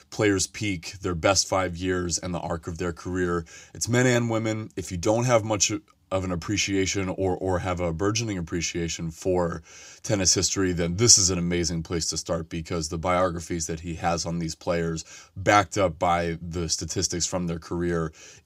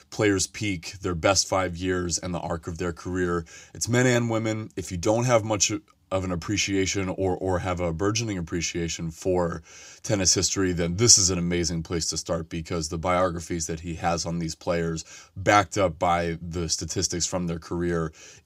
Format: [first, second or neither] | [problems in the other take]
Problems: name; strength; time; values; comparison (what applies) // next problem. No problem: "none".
neither | none